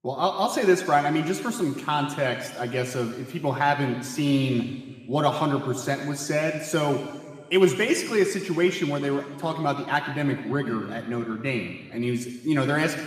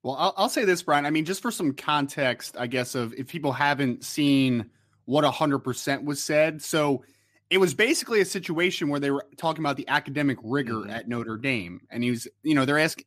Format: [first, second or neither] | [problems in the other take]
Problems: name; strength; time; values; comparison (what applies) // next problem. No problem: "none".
second | room echo; noticeable; dies away in 1.6 s